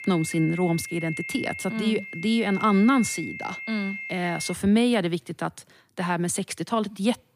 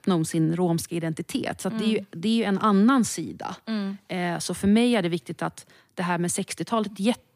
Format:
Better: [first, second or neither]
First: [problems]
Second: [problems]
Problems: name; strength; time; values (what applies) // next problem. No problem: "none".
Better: second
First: high-pitched whine; loud; until 4.5 s; 2 kHz, 9 dB below the speech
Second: none